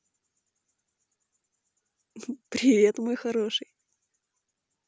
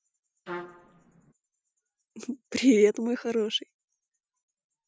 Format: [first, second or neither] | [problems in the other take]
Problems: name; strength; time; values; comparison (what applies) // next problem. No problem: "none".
first | noise reduction (classical method Wiener filter)